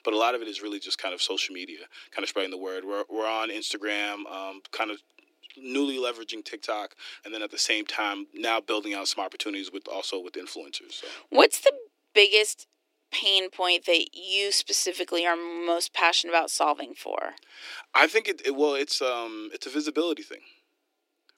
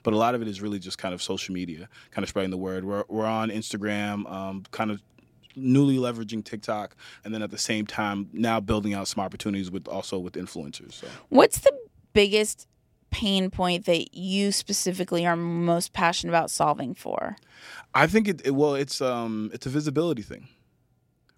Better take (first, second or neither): second